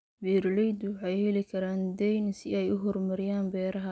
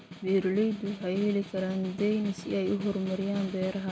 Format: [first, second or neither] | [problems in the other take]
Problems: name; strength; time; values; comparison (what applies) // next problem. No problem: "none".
first | background sound (Snare drum); 13 dB below the speech